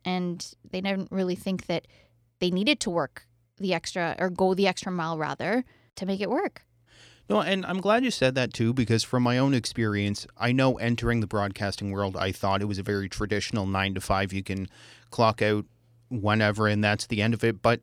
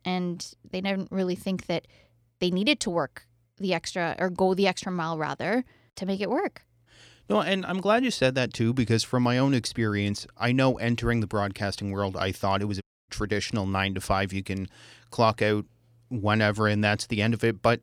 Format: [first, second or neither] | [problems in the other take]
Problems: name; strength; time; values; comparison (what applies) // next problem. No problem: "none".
first | audio cutting out; at 13 s